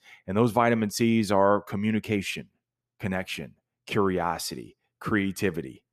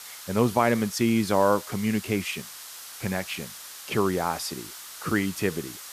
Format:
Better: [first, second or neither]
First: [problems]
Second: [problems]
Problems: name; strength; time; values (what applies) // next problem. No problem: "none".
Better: first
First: none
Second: hiss; noticeable; throughout; 15 dB below the speech